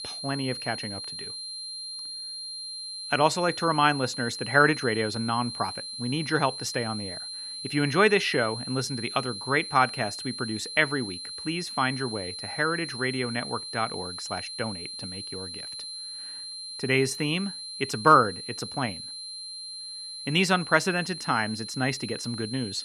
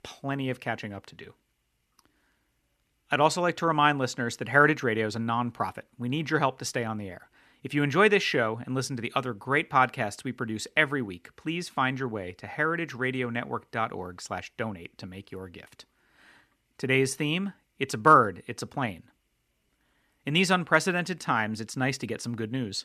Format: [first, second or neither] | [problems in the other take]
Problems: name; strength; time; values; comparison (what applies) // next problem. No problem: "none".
second | high-pitched whine; loud; throughout; 4 kHz, 8 dB below the speech